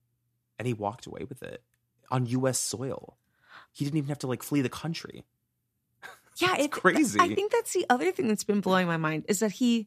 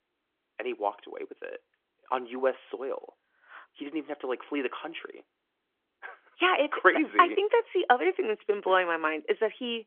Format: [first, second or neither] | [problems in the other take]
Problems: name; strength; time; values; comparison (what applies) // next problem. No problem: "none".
first | phone-call audio; nothing above 3.5 kHz